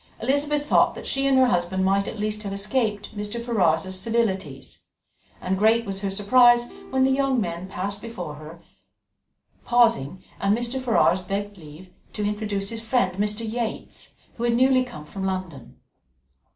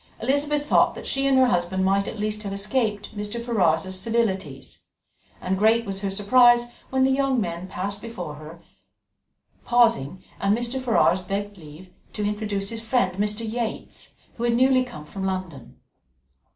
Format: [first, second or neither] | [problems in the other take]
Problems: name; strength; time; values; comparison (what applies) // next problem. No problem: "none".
second | background sound (Acoustic guitar / Strum); 19 dB below the speech